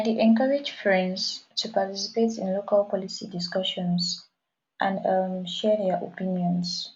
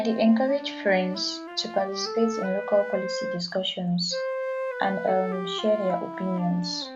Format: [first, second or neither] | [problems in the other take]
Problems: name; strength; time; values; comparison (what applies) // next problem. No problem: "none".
first | background sound (Wind instrument, woodwind instrument); 7 dB below the speech